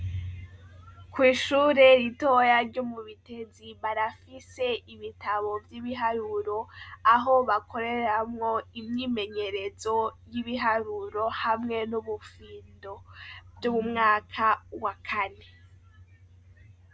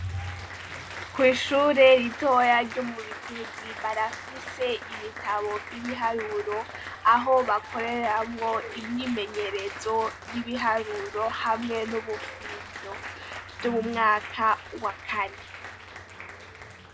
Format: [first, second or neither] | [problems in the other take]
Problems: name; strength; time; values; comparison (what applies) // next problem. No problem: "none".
first | background sound (Applause); 12 dB below the speech